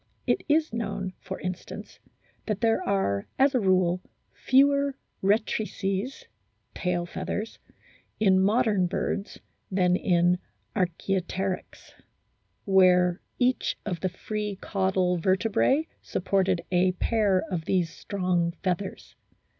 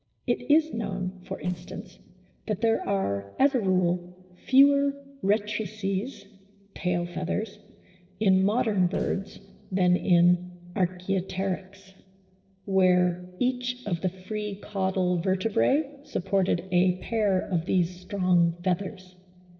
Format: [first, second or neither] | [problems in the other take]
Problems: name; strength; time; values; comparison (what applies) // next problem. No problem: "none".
first | noise reduction (neural separator model SepFormer DNS4)